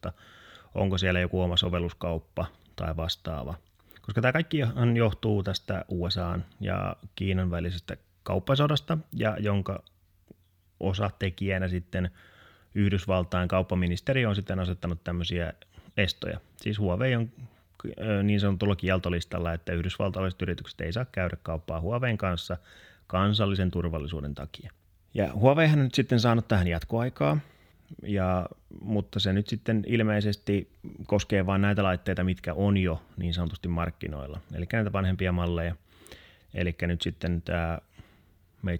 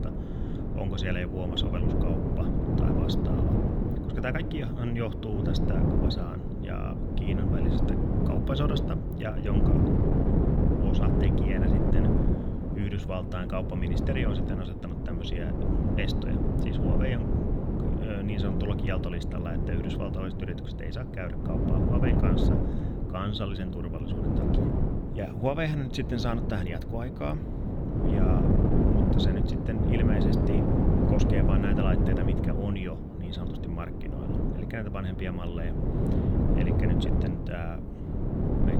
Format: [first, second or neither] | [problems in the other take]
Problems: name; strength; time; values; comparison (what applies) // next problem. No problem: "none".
first | wind noise on the microphone; heavy; 2 dB above the speech